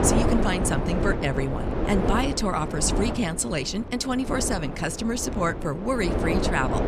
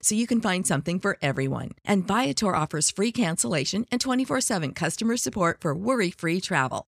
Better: second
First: wind noise on the microphone; heavy; 4 dB below the speech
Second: none

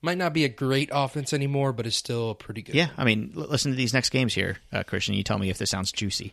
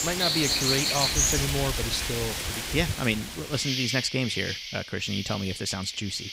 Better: first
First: none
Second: animal sounds; very loud; throughout; 2 dB above the speech

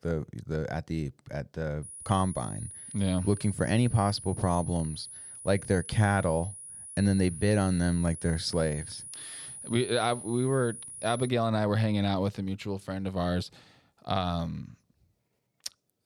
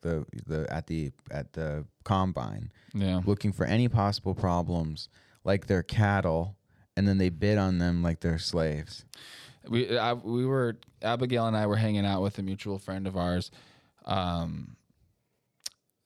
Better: second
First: high-pitched whine; noticeable; from 2 to 11 s; 10.5 kHz, 10 dB below the speech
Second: none

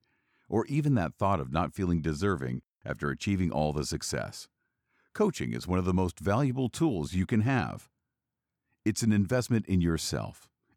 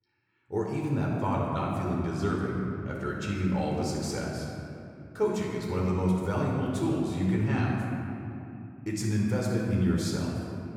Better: first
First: none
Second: off-mic speech; far // room echo; noticeable; dies away in 2.5 s

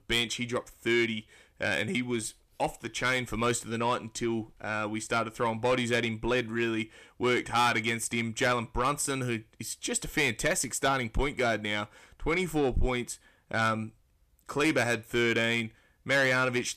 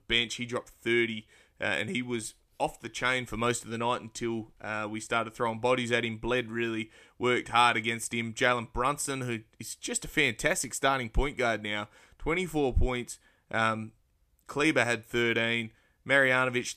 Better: second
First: distortion; slight; 10 dB below the speech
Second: none

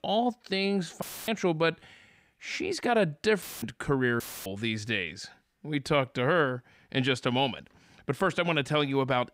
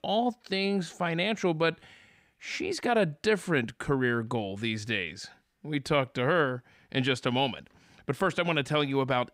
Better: second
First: audio cutting out; filled with static; at 1 s, at 3.5 s and at 4 s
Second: none

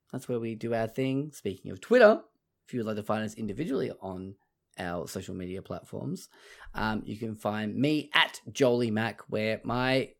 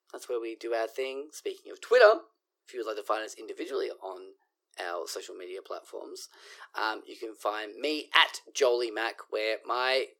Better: first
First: none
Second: thin; very; fading below 350 Hz

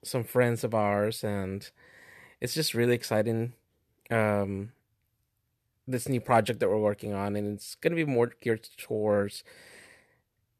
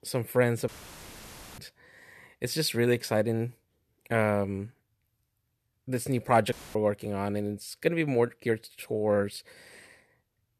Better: first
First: none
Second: audio cutting out; filled with static; at 0.5 s for 1 s and at 6.5 s

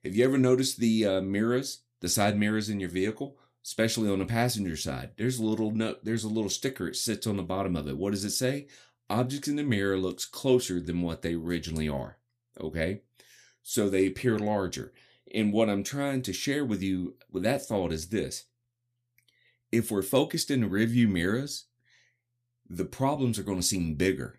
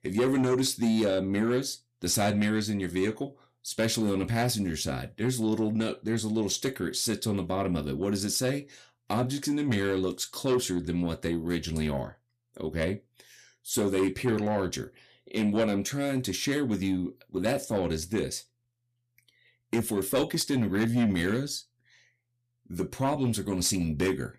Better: first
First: none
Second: distortion; slight; 10 dB below the speech

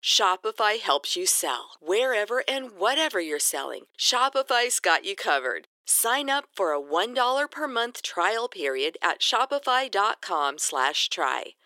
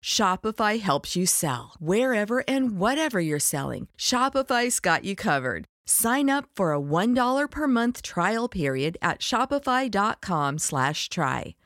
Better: second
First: thin; very; fading below 350 Hz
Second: none

